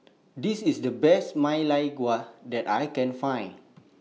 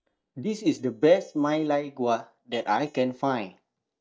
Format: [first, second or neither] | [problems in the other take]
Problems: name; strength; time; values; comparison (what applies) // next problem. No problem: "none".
first | noise reduction (neural mask model DeepFilterNet 3)